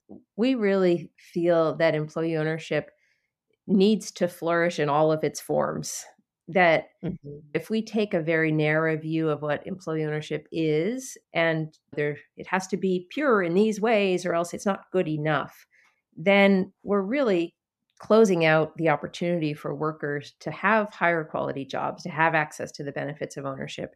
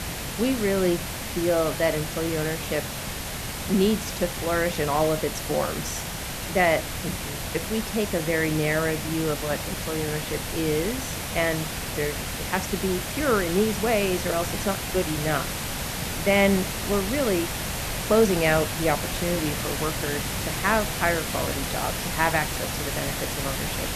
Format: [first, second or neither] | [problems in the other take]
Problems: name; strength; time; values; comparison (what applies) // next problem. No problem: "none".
first | hiss; loud; throughout; 3 dB below the speech